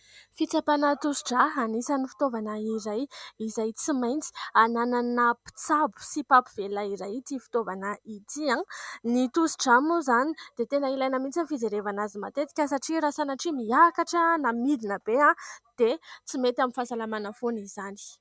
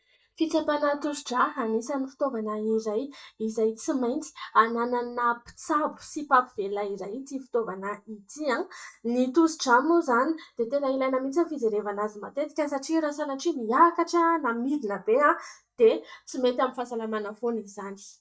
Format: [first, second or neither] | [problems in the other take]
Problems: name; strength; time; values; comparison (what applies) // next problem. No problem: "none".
first | noise reduction (neural mask model DeepFilterNet 3)